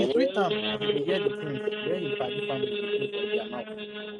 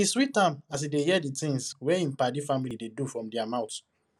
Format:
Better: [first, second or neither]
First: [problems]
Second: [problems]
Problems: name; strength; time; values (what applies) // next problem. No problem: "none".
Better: second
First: noise reduction (neural mask model RNNoise)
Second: none